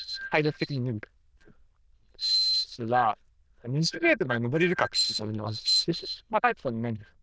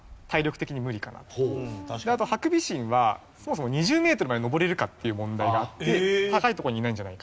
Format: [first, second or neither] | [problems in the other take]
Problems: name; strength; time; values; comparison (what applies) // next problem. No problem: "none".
second | noise reduction (neural diffusion model UNIVERSE++)